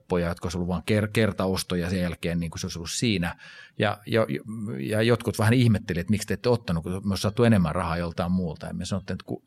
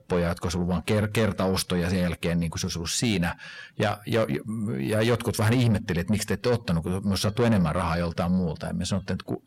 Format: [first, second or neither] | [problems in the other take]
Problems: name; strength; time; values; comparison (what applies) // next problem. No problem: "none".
first | distortion; slight; 10 dB below the speech